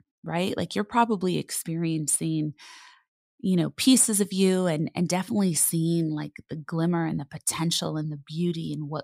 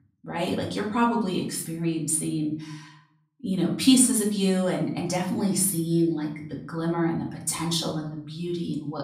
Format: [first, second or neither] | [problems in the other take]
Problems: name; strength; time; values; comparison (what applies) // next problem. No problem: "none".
first | room echo; slight; dies away in 0.5 s // off-mic speech; far